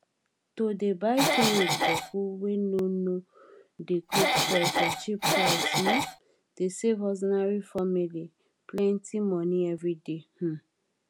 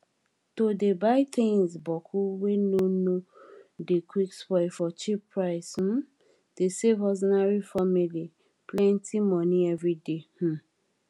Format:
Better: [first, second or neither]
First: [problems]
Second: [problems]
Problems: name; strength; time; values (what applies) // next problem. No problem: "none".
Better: second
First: background sound (Cough); 3 dB above the speech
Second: none